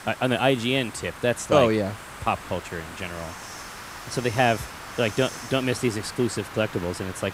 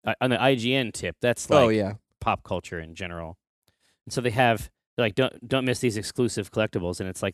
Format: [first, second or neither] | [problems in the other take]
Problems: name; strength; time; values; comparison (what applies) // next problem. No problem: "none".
second | hiss; noticeable; throughout; 15 dB below the speech